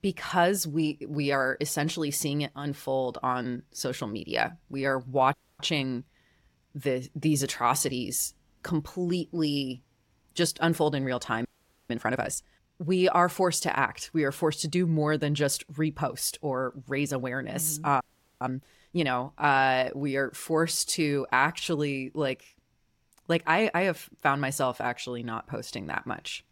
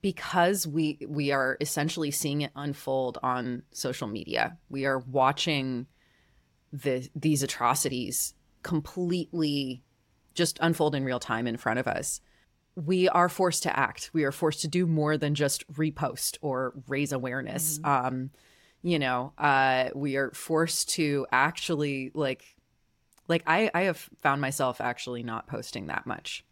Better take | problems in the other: second | audio freezing; at 5.5 s, at 11 s and at 18 s

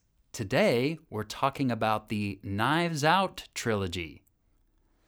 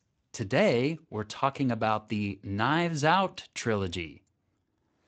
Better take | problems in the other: first | garbled, watery; slightly; nothing above 8 kHz

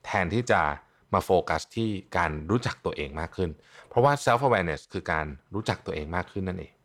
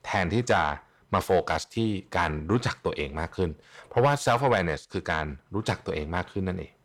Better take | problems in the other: first | distortion; slight; 10 dB below the speech

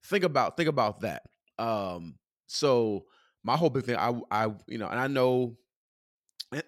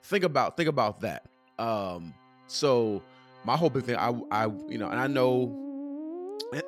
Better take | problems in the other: first | background music; noticeable; throughout; 10 dB below the speech

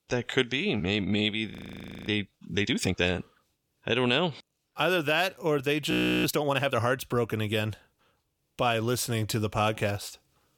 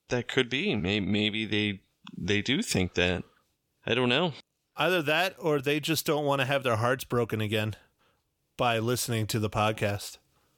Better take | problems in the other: second | audio freezing; at 1.5 s for 0.5 s and at 6 s

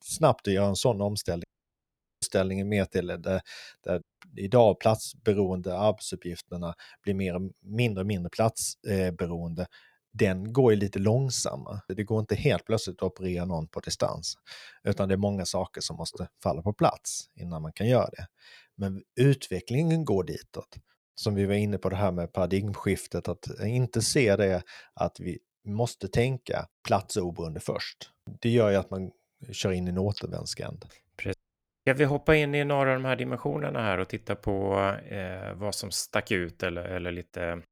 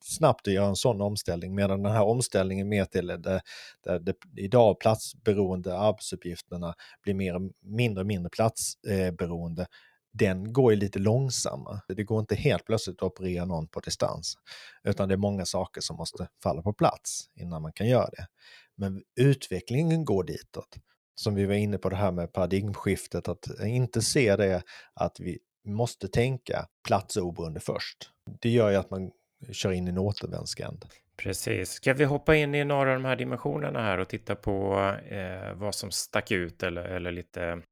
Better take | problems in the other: second | audio cutting out; at 1.5 s for 1 s, at 4 s and at 31 s for 0.5 s

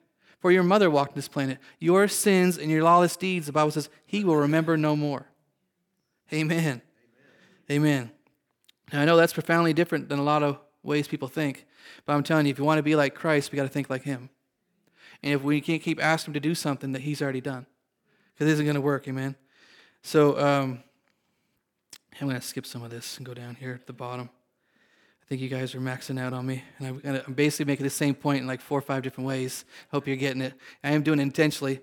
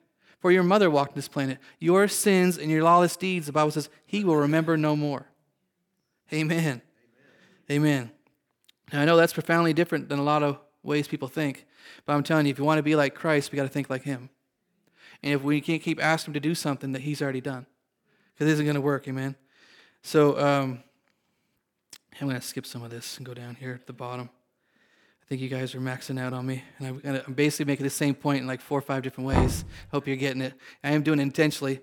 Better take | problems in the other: first | door banging; noticeable; at 29 s; peak level with the speech

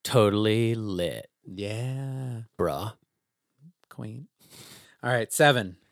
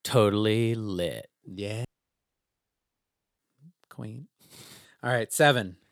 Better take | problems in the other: first | audio cutting out; at 2 s for 1.5 s

